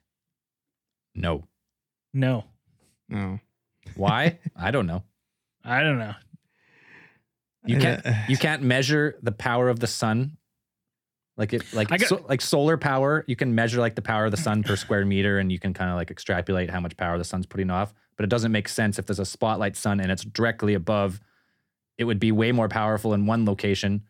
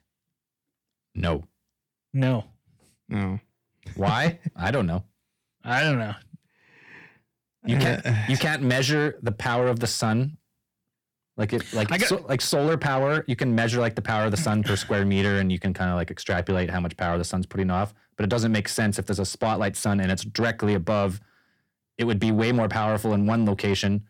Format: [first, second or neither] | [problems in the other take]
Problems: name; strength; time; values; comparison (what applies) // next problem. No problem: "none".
first | distortion; slight; 10 dB below the speech